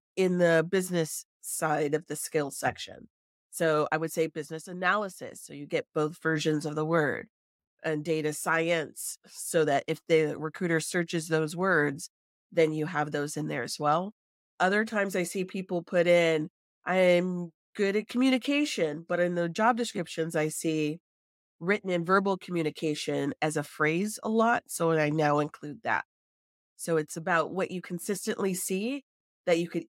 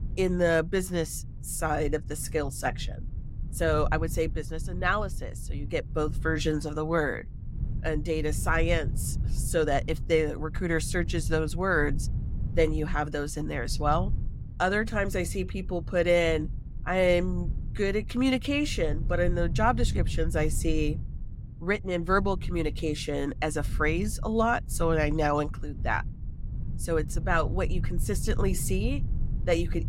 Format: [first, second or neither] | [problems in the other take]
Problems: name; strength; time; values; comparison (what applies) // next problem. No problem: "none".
first | low rumble; faint; throughout; 20 dB below the speech